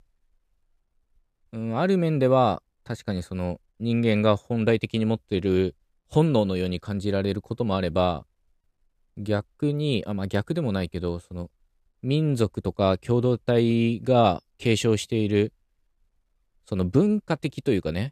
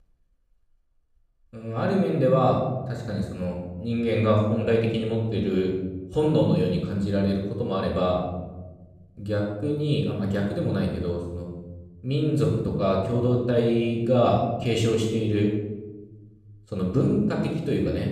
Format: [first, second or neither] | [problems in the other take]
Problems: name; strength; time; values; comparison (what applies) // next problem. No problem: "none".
first | off-mic speech; somewhat distant // room echo; noticeable; dies away in 1.1 s